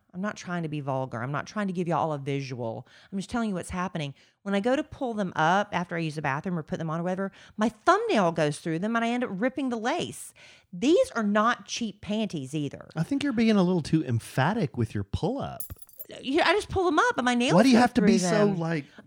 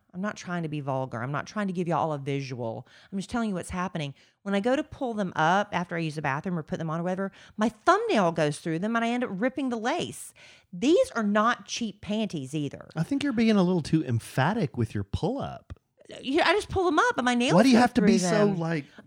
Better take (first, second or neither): second